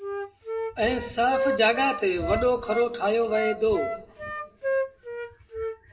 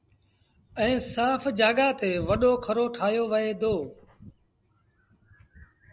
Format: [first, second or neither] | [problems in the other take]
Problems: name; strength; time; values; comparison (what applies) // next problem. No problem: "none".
second | background sound (Wind instrument, woodwind instrument); 5 dB below the speech // room echo; dies away in 1.8 s